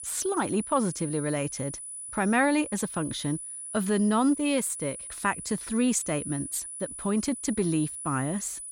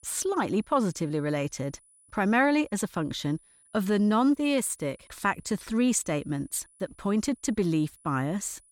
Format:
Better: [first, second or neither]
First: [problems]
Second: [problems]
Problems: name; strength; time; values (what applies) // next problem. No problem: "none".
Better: second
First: high-pitched whine; loud; throughout; 10 kHz, 8 dB below the speech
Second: high-pitched whine; faint; throughout; 10 kHz, 30 dB below the speech